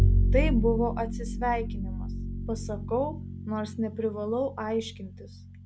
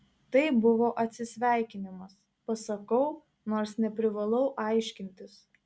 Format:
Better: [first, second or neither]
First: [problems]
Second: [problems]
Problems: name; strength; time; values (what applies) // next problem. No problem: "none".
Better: second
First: background sound (Bowed string instrument); 2 dB above the speech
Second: none